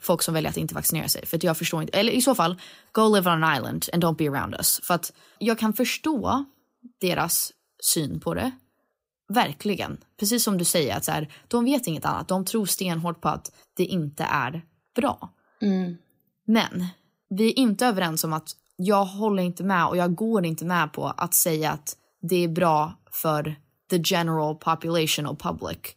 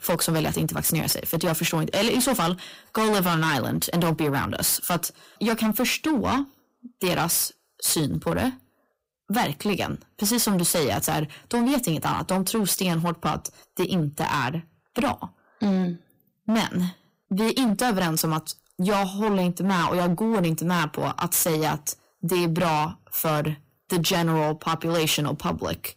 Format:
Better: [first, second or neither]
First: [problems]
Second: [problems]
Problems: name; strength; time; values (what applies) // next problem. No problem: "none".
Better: first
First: none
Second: distortion; heavy; 16% of the sound clipped